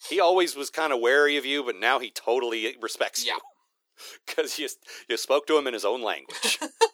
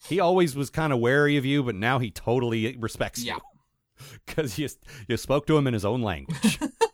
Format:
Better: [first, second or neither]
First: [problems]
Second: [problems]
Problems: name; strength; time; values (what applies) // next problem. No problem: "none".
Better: second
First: thin; very; fading below 350 Hz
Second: none